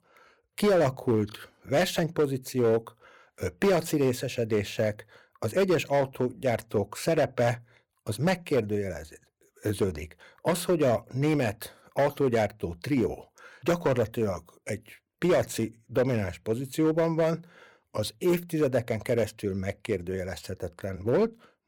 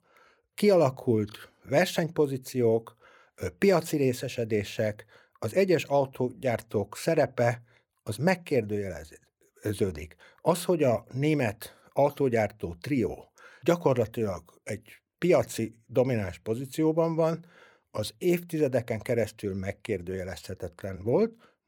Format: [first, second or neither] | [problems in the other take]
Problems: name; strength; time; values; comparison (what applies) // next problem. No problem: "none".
second | distortion; slight; 5% of the sound clipped